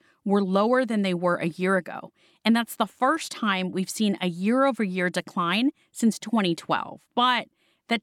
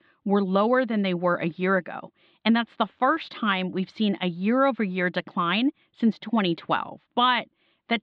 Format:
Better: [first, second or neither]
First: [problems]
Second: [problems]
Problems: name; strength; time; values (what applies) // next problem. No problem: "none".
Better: first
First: none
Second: muffled; slightly; fading above 3.5 kHz